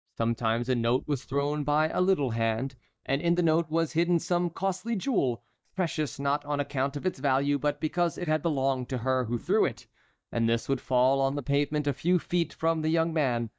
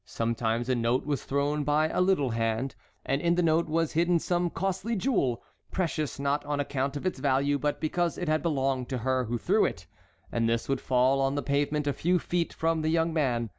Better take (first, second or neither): second